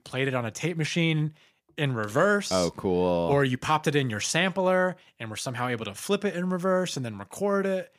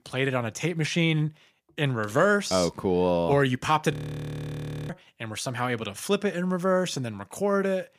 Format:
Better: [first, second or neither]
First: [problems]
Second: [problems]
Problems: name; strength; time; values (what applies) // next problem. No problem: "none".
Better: first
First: none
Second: audio freezing; at 4 s for 1 s